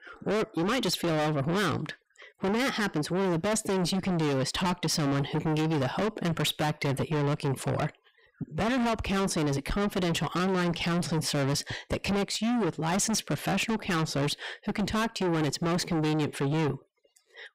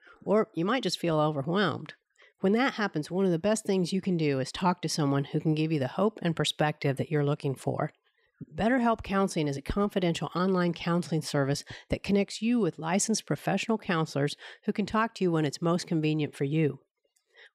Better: second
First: distortion; heavy; 6 dB below the speech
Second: none

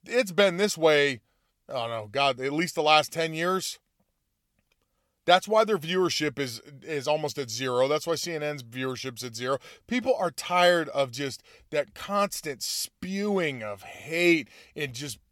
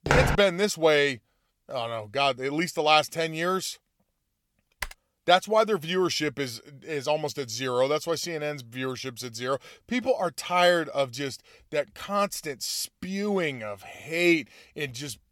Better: first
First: none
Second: footsteps; loud; at the start; peak 3 dB above the speech // keyboard typing; faint; at 5 s; peak 10 dB below the speech

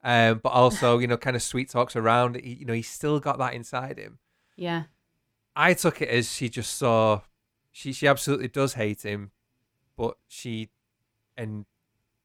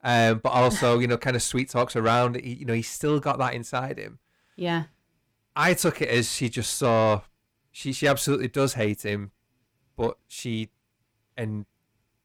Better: first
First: none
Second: distortion; slight; 10 dB below the speech

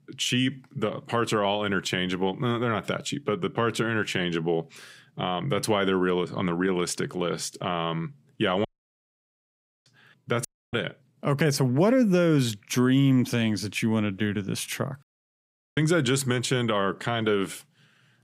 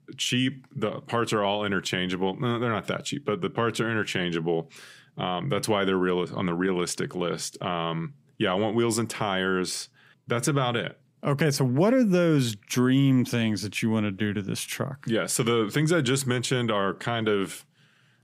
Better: second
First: audio cutting out; at 8.5 s for 1 s, at 10 s and at 15 s for 0.5 s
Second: none

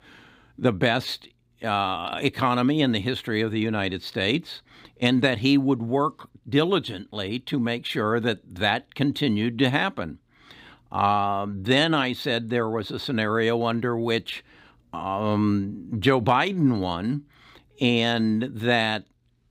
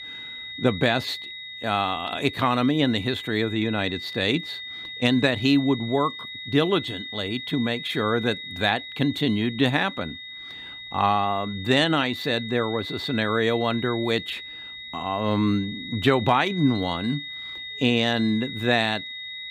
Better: first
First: none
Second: high-pitched whine; noticeable; throughout; 3.5 kHz, 10 dB below the speech

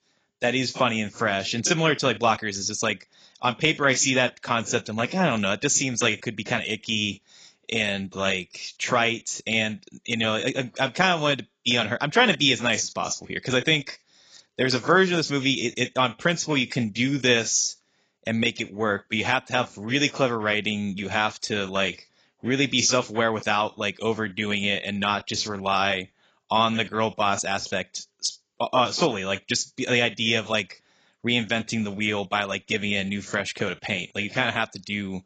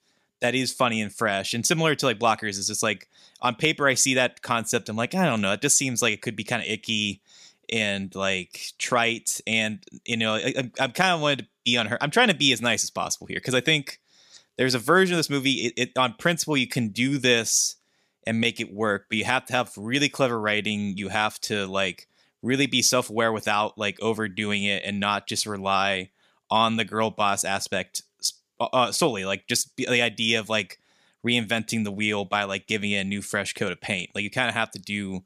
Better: second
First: garbled, watery; badly; nothing above 7.5 kHz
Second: none

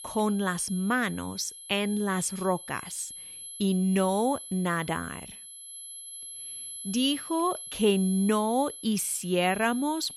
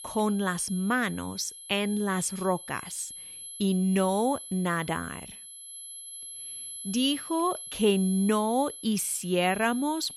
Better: neither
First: high-pitched whine; noticeable; throughout; 11 kHz, 10 dB below the speech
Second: high-pitched whine; noticeable; throughout; 11 kHz, 10 dB below the speech

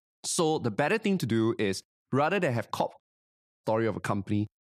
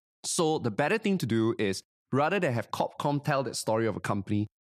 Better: second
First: audio cutting out; at 3 s for 0.5 s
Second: none

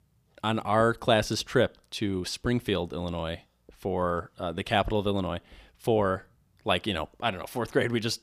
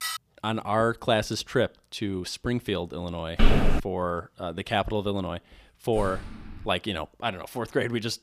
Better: first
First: none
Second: clattering dishes; noticeable; at the start; peak 3 dB below the speech // footsteps; loud; at 3.5 s; peak 5 dB above the speech // door banging; faint; at 6 s; peak 10 dB below the speech

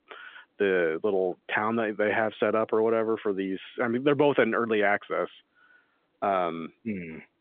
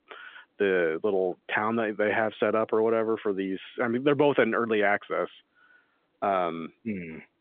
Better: neither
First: phone-call audio; nothing above 3.5 kHz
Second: phone-call audio; nothing above 3.5 kHz

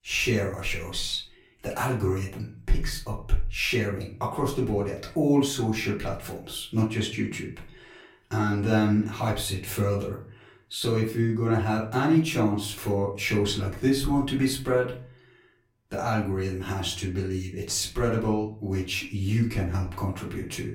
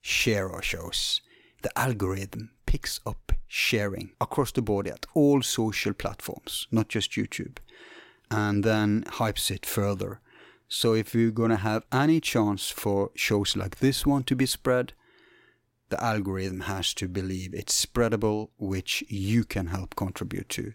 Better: second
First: off-mic speech; far // room echo; slight; dies away in 0.4 s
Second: none

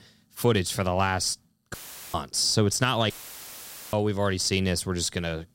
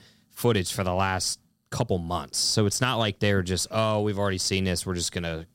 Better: second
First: audio cutting out; filled with static; at 1.5 s and at 3 s for 1 s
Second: none

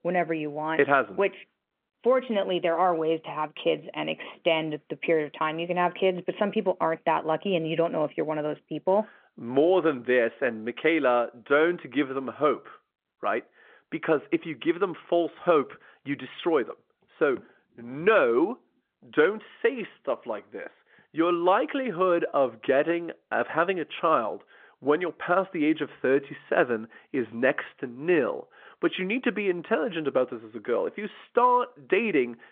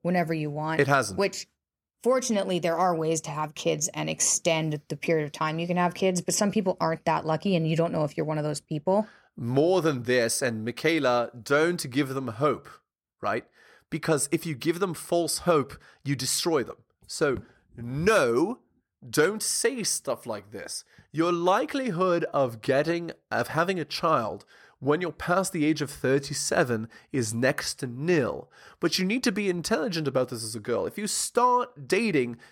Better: second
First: phone-call audio; nothing above 3.5 kHz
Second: none

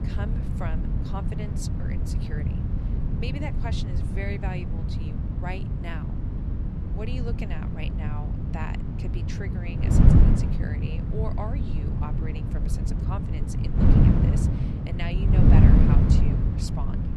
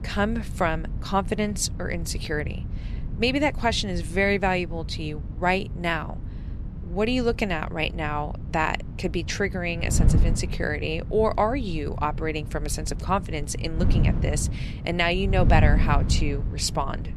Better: second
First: wind noise on the microphone; heavy; 4 dB above the speech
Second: wind noise on the microphone; occasional gusts; 15 dB below the speech

